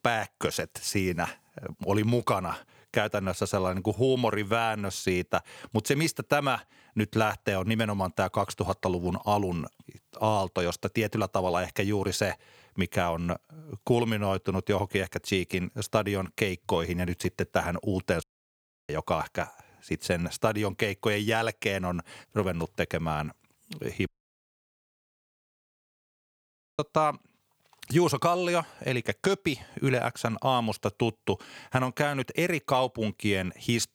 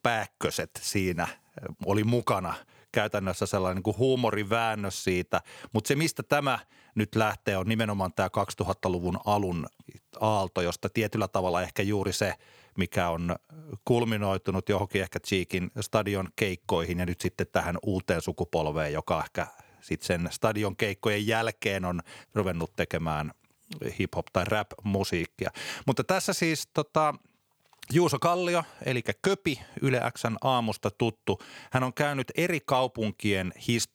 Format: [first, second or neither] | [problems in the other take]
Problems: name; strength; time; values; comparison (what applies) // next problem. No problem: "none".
second | audio cutting out; at 18 s for 0.5 s and at 24 s for 2.5 s